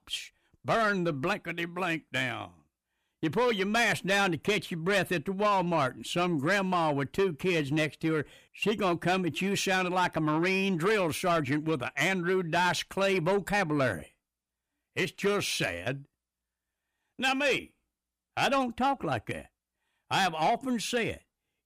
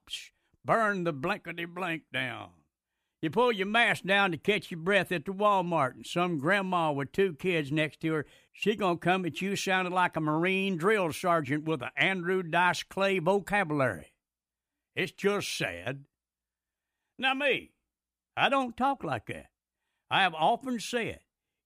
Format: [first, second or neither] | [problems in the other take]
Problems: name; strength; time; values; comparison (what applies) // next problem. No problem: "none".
second | distortion; slight; 10 dB below the speech